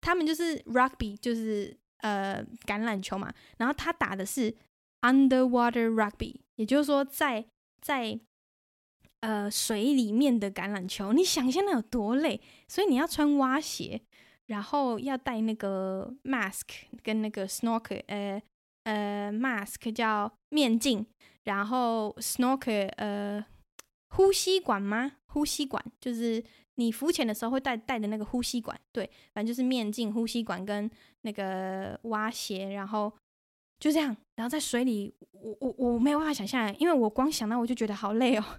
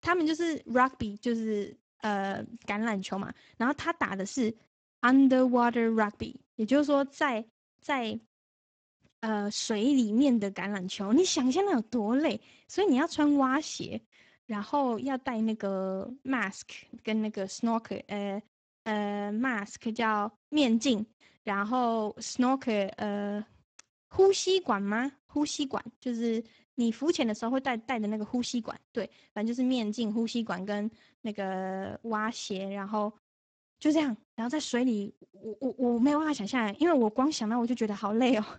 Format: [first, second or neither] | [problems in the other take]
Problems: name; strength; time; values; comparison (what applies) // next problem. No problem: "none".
first | garbled, watery; badly; nothing above 8 kHz